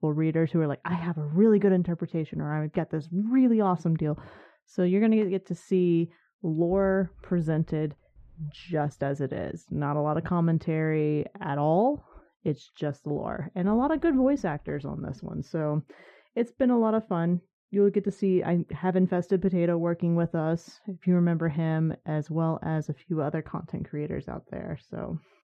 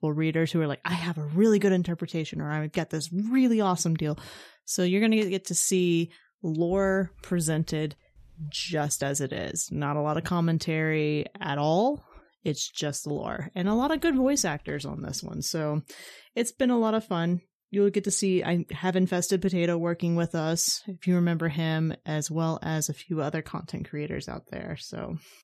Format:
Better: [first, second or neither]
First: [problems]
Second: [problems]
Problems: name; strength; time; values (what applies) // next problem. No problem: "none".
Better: second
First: muffled; very; fading above 3.5 kHz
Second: none